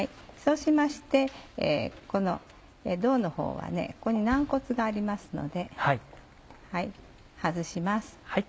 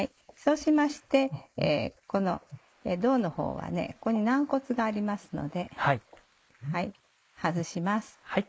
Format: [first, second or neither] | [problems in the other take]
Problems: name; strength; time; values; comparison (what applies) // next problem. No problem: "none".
first | noise reduction (neural mask model Resemble Enhance denoiser)